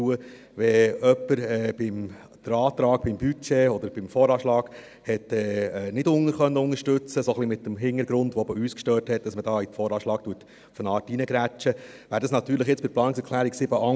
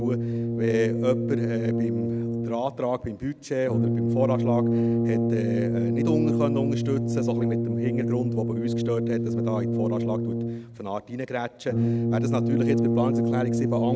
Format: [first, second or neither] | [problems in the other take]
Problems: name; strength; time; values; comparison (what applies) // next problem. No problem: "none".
first | background sound (Brass instrument); 4 dB above the speech